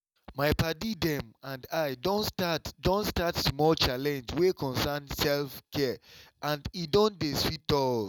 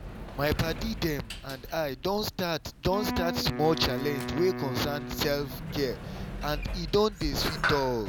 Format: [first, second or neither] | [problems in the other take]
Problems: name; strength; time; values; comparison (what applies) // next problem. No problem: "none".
first | background sound (Sliding door + Wind instrument, woodwind instrument); 6 dB below the speech